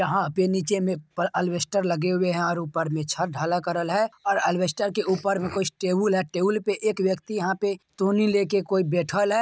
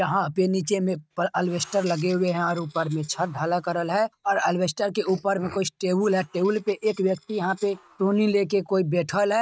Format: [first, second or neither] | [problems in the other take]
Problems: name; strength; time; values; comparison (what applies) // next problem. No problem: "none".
first | noise reduction (neural mask model RNNoise)